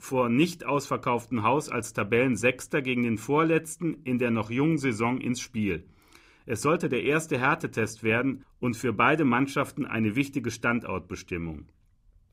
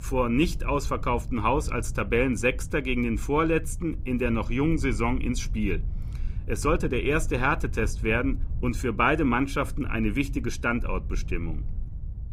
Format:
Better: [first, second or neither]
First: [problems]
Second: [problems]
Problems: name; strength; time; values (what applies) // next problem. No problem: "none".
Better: first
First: none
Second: low rumble; faint; throughout; 25 dB below the speech